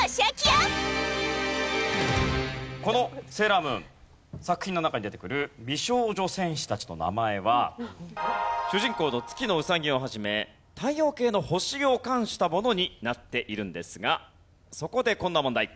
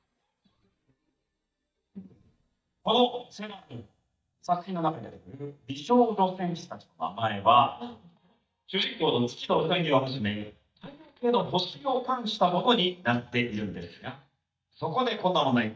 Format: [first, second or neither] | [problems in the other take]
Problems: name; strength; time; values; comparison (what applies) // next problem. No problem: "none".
first | noise reduction (neural mask model DeepFilterNet 3)